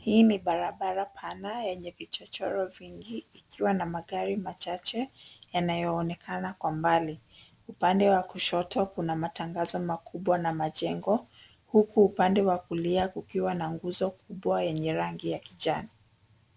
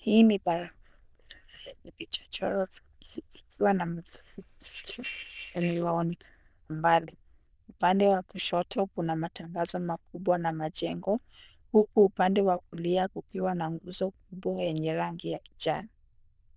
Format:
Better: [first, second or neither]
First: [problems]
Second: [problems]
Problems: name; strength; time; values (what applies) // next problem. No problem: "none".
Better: first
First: none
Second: noise reduction (neural diffusion model UNIVERSE++)